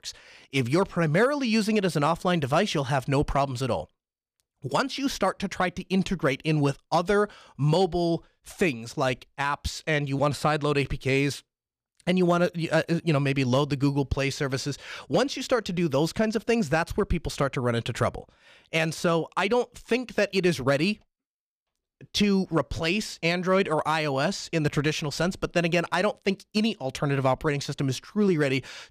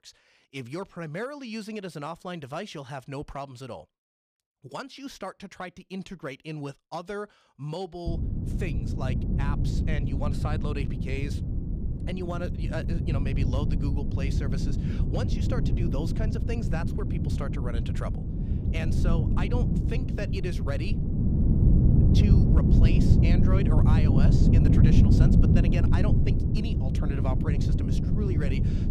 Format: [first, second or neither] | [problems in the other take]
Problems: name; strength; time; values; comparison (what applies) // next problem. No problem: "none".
first | wind noise on the microphone; heavy; from 8 s on; 2 dB above the speech